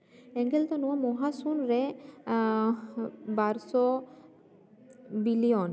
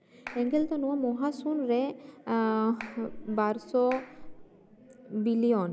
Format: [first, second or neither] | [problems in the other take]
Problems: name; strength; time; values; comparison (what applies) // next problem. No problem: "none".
first | background sound (Clapping); 16 dB below the speech